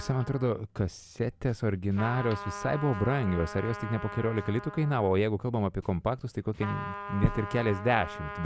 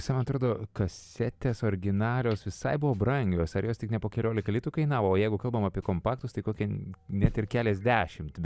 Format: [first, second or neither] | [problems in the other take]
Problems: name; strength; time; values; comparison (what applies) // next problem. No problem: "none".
second | background sound (Trumpet); 12 dB below the speech